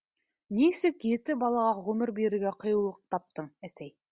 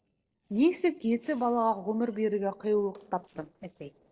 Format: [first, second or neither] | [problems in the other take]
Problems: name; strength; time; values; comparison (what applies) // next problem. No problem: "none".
first | noise reduction (neural separator model SepFormer DNS4)